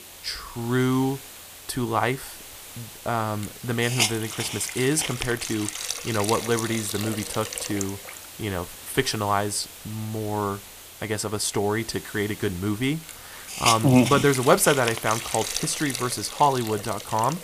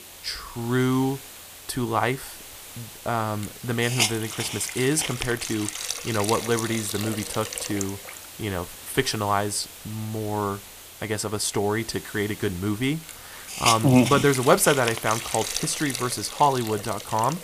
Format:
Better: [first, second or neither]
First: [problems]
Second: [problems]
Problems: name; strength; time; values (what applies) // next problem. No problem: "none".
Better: neither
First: hiss; loud; throughout; 7 dB below the speech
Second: hiss; loud; throughout; 7 dB below the speech